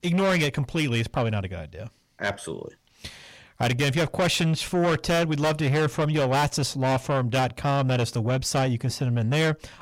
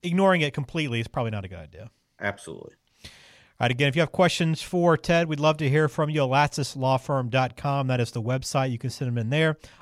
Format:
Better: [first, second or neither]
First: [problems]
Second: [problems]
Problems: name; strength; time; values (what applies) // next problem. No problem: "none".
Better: second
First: distortion; heavy; 7 dB below the speech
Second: none